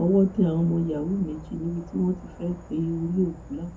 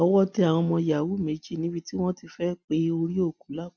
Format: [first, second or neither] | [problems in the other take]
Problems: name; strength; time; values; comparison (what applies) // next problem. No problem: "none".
second | background sound (Insect / Frog); 18 dB below the speech // room echo; dies away in 0.4 s